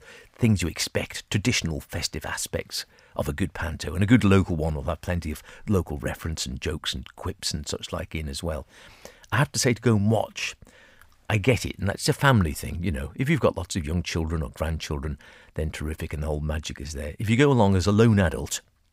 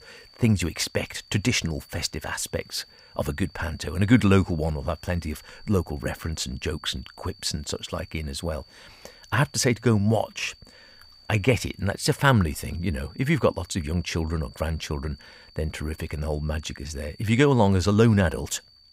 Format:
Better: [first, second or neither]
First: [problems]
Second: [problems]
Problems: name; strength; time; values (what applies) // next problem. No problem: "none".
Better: first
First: none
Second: high-pitched whine; faint; throughout; 4.5 kHz, 25 dB below the speech